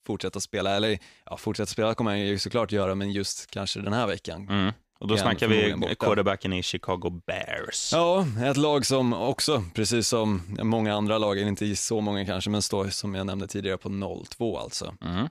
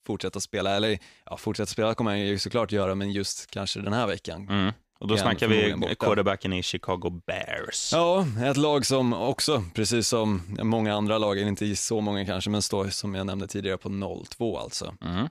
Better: neither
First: none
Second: none

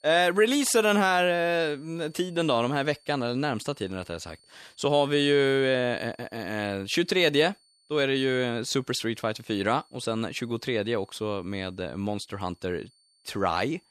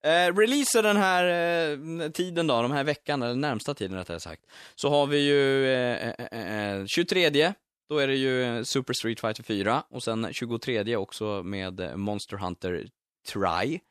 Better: second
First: high-pitched whine; faint; throughout; 4.5 kHz, 35 dB below the speech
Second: none

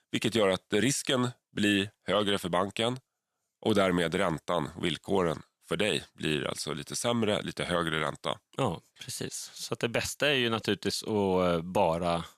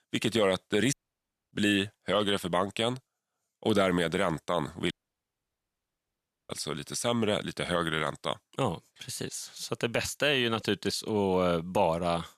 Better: first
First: none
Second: audio cutting out; at 1 s for 0.5 s and at 5 s for 1.5 s

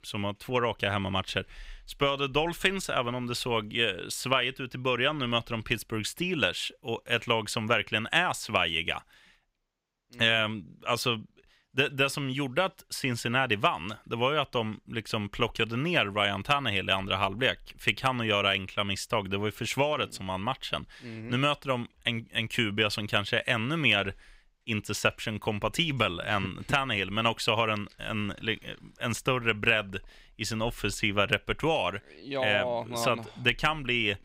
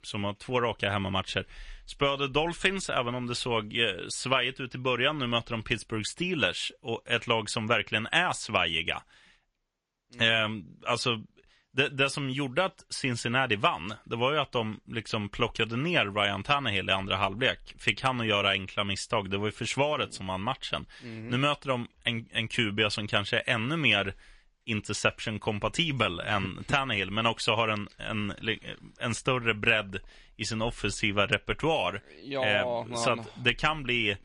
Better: first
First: none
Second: garbled, watery; slightly; nothing above 10.5 kHz

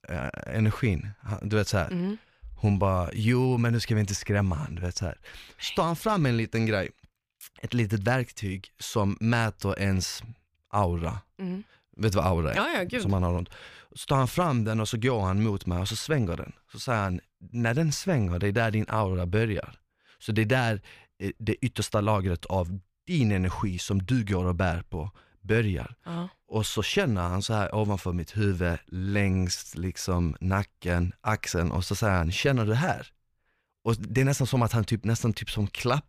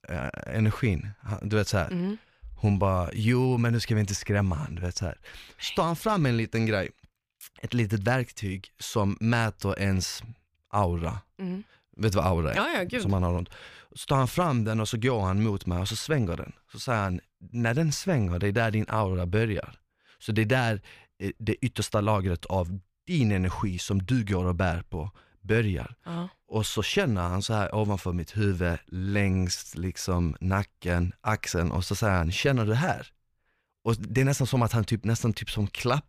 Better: neither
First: none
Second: none

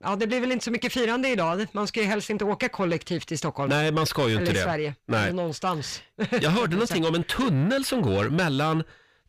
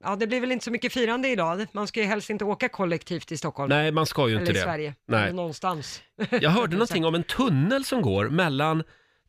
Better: second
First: distortion; slight; 10 dB below the speech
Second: none

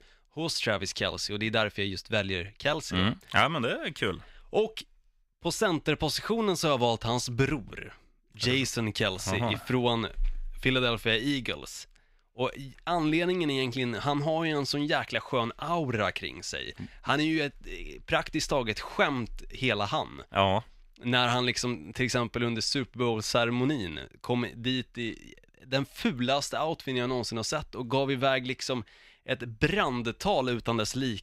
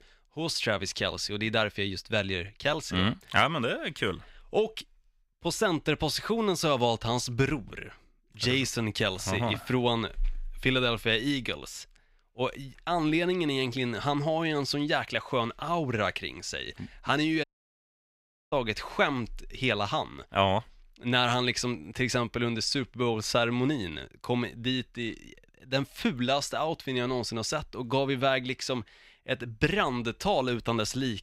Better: first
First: none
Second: audio cutting out; at 17 s for 1 s

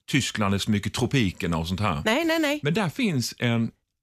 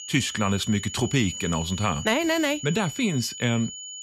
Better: first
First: none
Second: high-pitched whine; loud; throughout; 7 kHz, 10 dB below the speech

